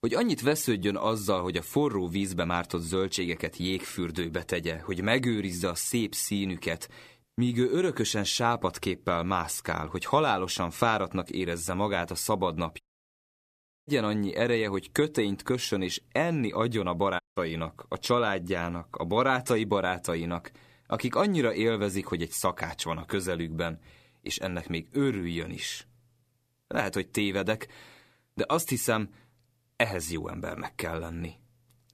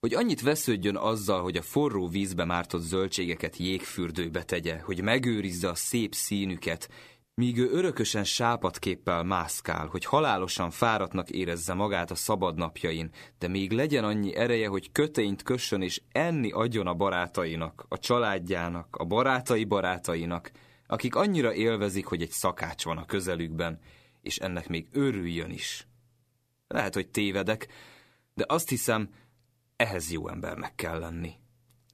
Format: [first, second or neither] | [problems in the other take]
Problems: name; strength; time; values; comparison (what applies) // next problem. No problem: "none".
second | audio cutting out; at 13 s for 1 s and at 17 s